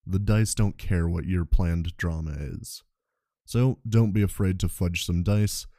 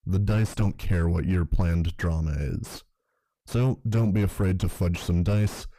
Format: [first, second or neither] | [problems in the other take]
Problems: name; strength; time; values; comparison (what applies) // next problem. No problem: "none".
first | distortion; heavy; 6 dB below the speech